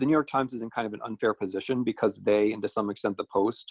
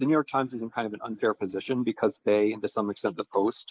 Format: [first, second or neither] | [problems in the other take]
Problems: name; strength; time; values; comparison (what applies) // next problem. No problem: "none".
first | noise reduction (neural mask model Resemble Enhance denoiser)